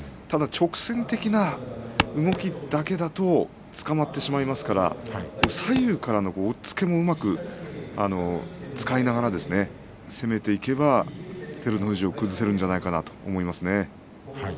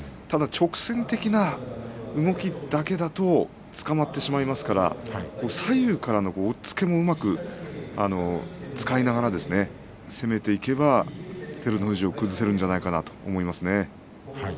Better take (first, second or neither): second